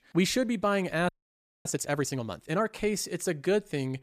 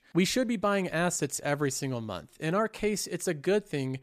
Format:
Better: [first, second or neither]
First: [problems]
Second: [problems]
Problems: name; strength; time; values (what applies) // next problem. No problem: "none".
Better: second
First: audio freezing; at 1 s for 0.5 s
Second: none